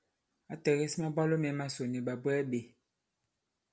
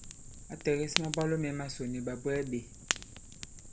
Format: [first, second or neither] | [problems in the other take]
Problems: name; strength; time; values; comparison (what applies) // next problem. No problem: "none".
first | background sound (Fire); 5 dB below the speech